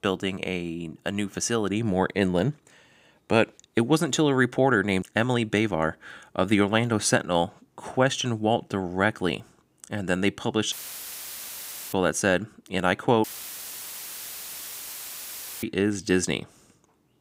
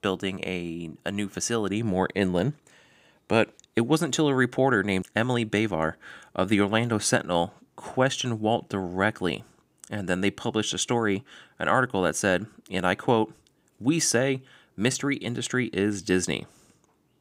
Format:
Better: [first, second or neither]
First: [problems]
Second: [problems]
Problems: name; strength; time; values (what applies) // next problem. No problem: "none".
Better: second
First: audio cutting out; filled with static; at 11 s for 1 s and at 13 s for 2.5 s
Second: none